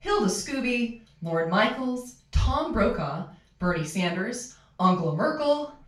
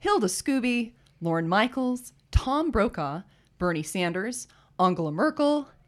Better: second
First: room echo; noticeable; dies away in 0.3 s // off-mic speech; far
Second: none

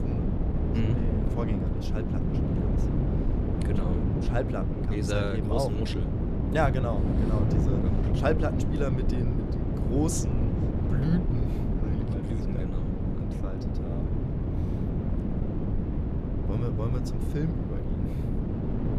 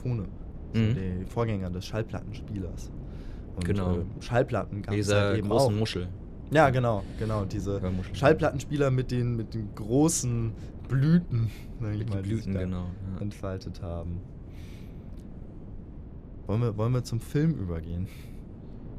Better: second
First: wind noise on the microphone; heavy; 2 dB below the speech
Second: wind noise on the microphone; occasional gusts; 20 dB below the speech

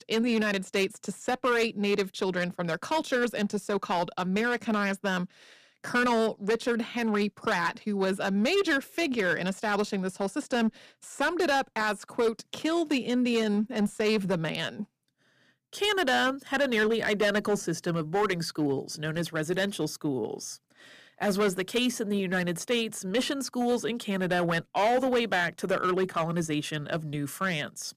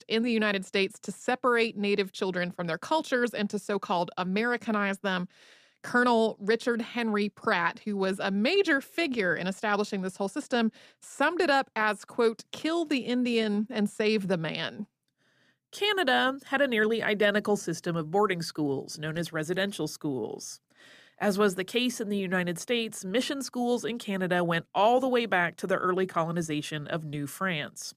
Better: second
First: distortion; slight; 6% of the sound clipped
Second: none

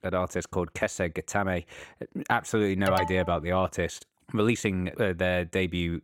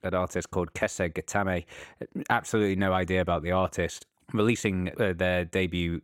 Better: second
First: alarm; noticeable; at 3 s; peak 2 dB below the speech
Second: none

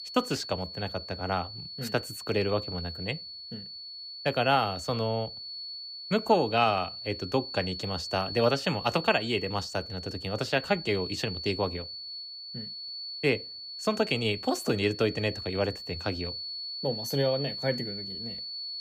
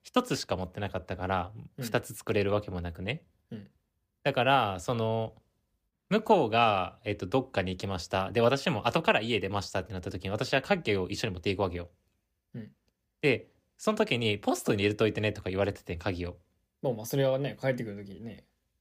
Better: second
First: high-pitched whine; loud; throughout; 4.5 kHz, 7 dB below the speech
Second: none

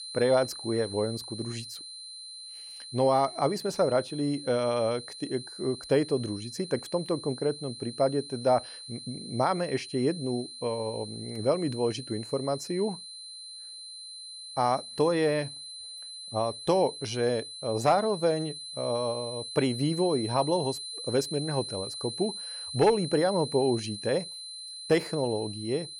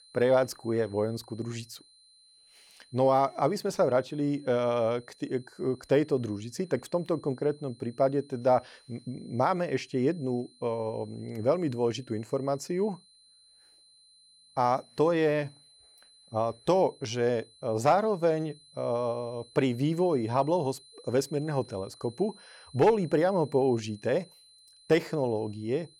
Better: second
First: high-pitched whine; loud; throughout; 4 kHz, 10 dB below the speech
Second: high-pitched whine; faint; throughout; 4 kHz, 25 dB below the speech

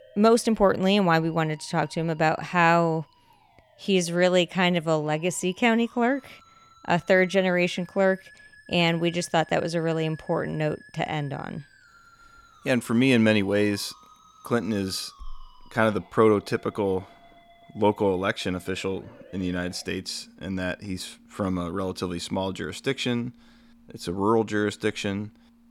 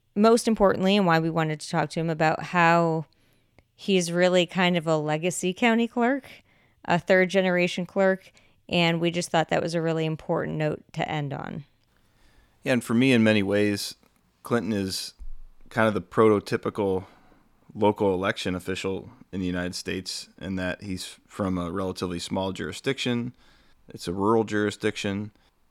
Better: second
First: background music; faint; throughout; 30 dB below the speech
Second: none

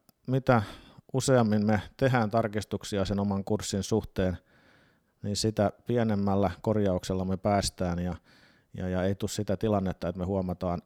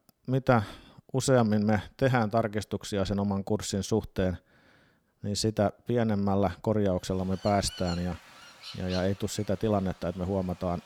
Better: first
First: none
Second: animal sounds; noticeable; from 7 s on; 15 dB below the speech

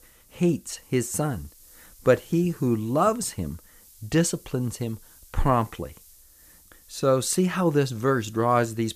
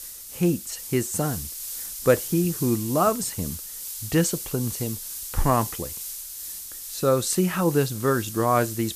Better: first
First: hiss; faint; throughout; 25 dB below the speech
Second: hiss; loud; throughout; 8 dB below the speech

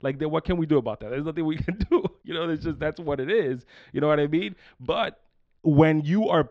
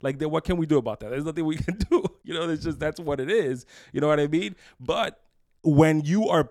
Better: second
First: muffled; slightly; fading above 4 kHz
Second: none

